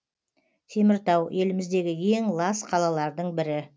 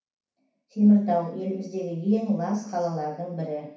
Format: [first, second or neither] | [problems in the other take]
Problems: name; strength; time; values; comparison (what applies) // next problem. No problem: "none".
first | room echo; dies away in 0.6 s